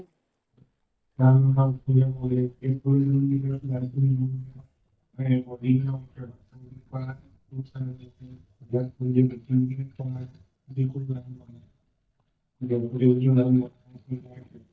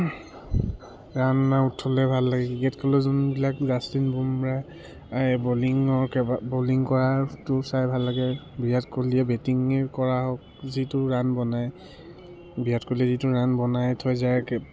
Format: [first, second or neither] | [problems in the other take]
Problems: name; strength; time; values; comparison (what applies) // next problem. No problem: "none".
second | noise reduction (neural mask model DeepFilterNet 3)